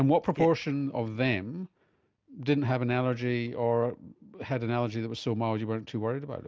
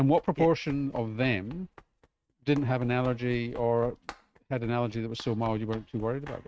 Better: first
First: none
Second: noise reduction (neural mask model RNNoise)

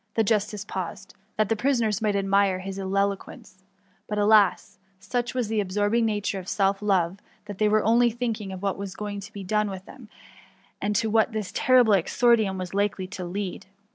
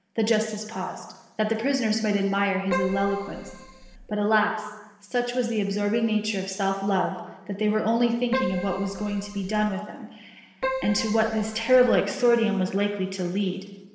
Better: first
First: none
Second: background sound (Keyboard (musical)); 8 dB below the speech // room echo; dies away in 1.1 s

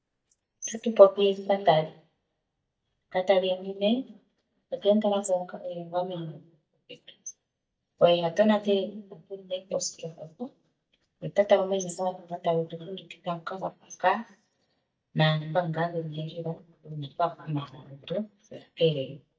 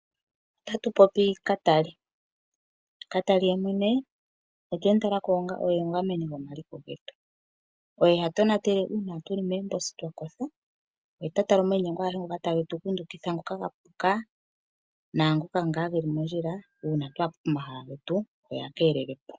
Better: second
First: noise reduction (neural mask model DeepFilterNet 3)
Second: none

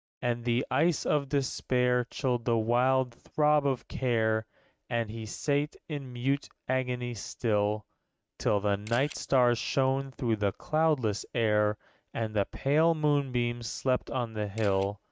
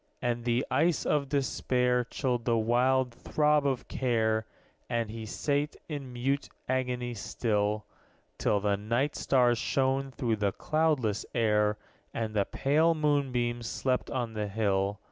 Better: second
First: noise reduction (neural mask model RNNoise)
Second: none

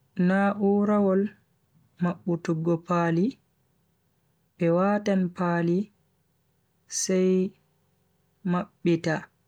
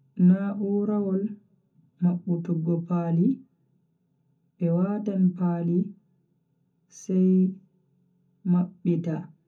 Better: first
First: none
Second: room echo; dies away in 0.3 s

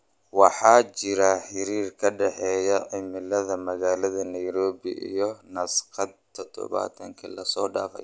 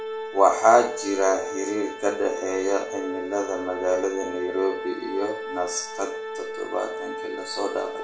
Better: first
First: none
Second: background sound (Organ); 8 dB below the speech // room echo; dies away in 0.4 s

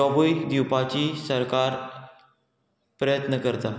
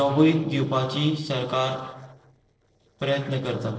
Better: first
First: none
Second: noise reduction (neural separator model SepFormer DNS4)

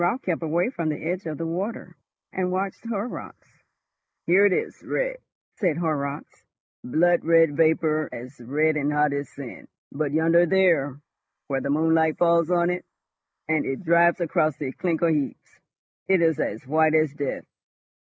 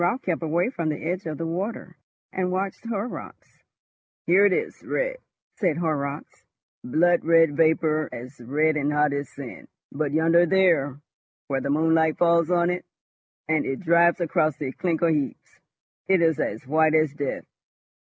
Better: second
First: noise reduction (neural mask model Resemble Enhance denoiser)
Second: none

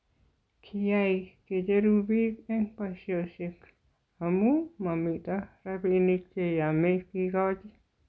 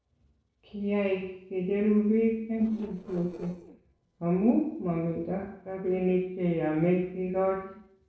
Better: first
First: none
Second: noise reduction (neural separator model SepFormer DNS4)

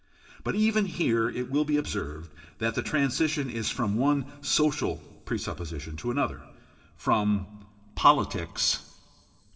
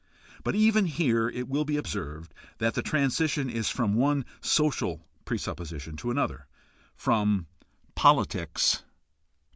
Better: second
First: room echo; dies away in 1.4 s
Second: none

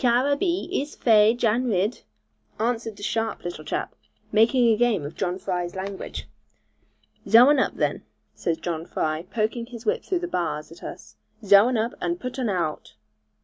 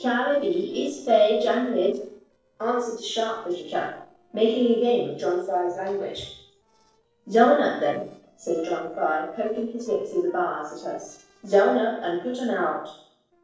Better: first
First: none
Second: noise reduction (neural separator model SepFormer DNS4)

